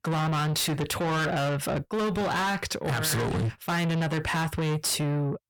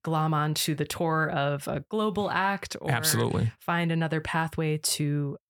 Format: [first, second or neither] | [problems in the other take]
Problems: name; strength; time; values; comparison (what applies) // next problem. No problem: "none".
second | distortion; heavy; 7 dB below the speech